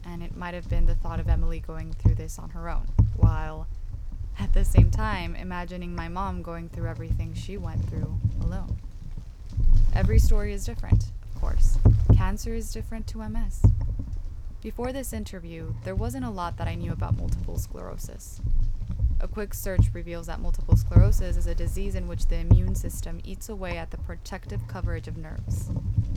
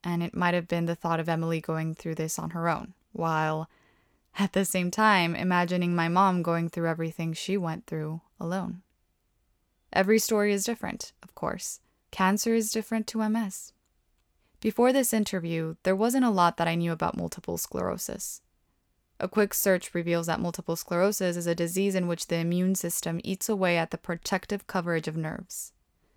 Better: second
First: wind noise on the microphone; heavy; 3 dB below the speech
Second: none

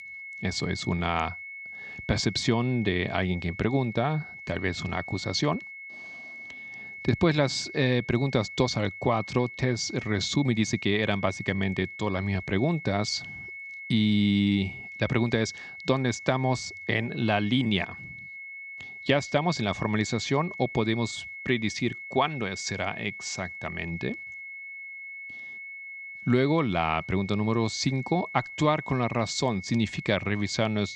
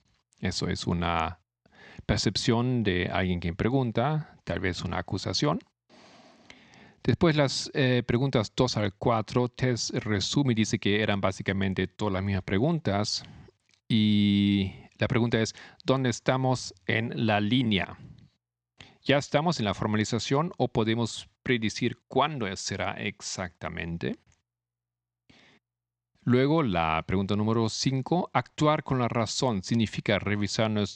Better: second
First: high-pitched whine; noticeable; throughout; 2 kHz, 10 dB below the speech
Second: none

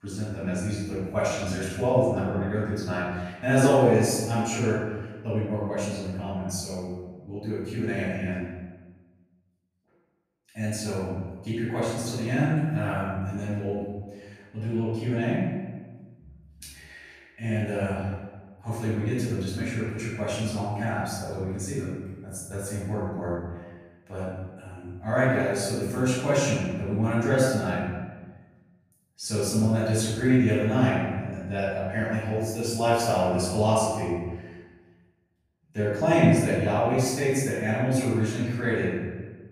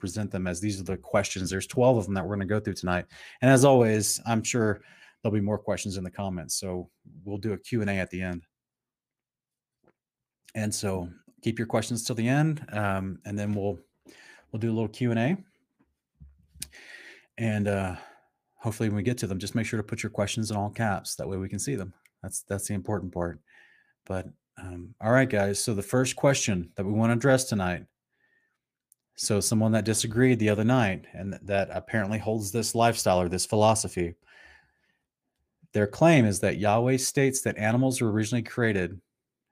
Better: second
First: room echo; strong; dies away in 1.2 s // off-mic speech; far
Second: none

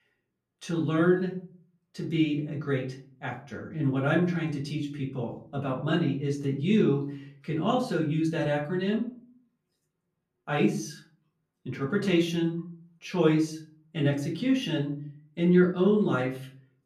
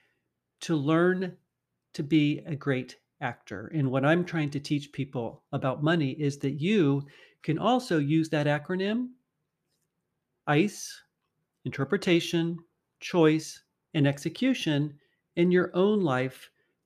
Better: second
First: off-mic speech; far // room echo; slight; dies away in 0.4 s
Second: none

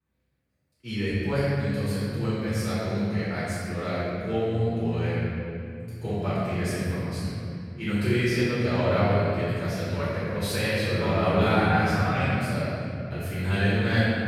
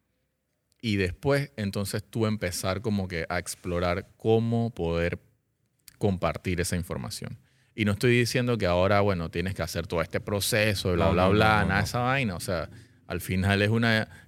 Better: second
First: off-mic speech; far // room echo; strong; dies away in 3 s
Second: none

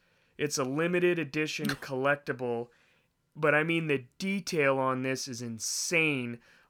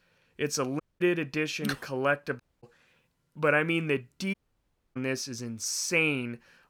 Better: first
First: none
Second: audio cutting out; at 1 s, at 2.5 s and at 4.5 s for 0.5 s

